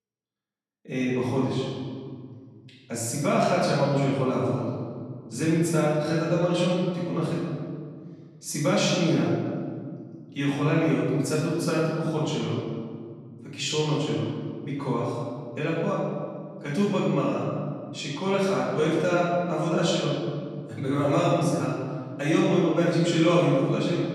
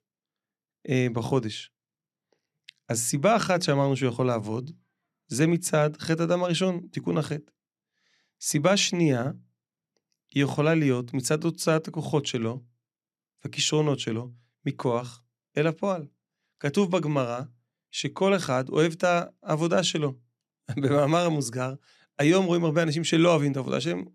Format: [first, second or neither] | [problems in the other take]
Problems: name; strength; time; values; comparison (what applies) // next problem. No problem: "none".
second | off-mic speech; far // room echo; strong; dies away in 1.9 s